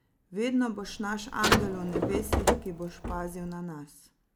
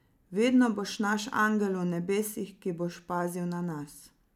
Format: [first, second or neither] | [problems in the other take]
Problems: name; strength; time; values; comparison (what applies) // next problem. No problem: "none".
second | background sound (Car); 3 dB above the speech